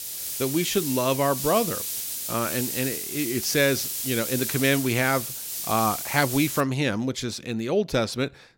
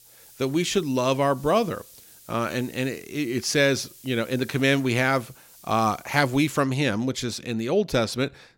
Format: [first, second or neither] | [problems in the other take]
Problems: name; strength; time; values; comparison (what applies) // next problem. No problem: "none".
second | hiss; loud; until 6.5 s; 4 dB below the speech; faint in the second